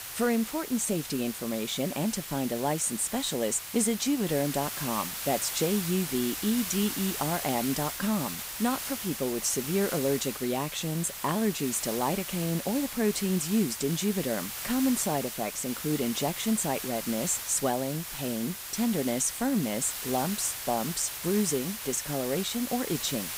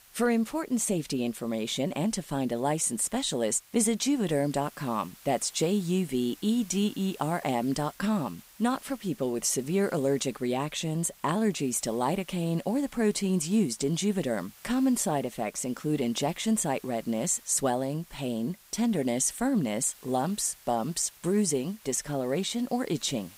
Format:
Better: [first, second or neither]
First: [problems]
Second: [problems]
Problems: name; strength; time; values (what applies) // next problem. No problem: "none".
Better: second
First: hiss; loud; throughout; 5 dB below the speech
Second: hiss; faint; throughout; 25 dB below the speech